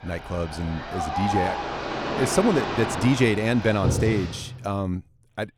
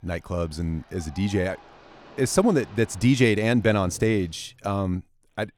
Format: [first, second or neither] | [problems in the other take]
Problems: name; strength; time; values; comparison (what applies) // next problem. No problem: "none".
second | rain or running water; loud; until 4.5 s; 4 dB below the speech; faint in the second